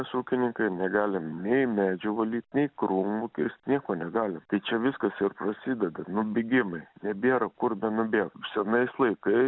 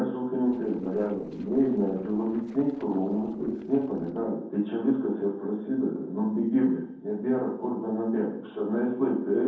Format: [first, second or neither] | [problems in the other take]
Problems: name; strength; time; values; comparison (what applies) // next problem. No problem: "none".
first | noise reduction (neural separator model SepFormer DNS4)